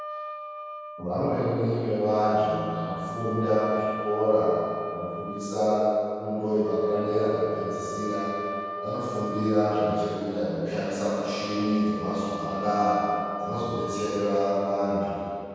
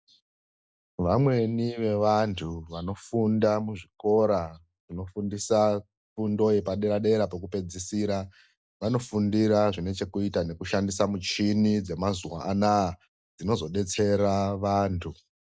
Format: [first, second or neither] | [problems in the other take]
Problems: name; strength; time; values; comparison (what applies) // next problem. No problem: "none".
second | background sound (Wind instrument, woodwind instrument); 10 dB below the speech // room echo; dies away in 2.2 s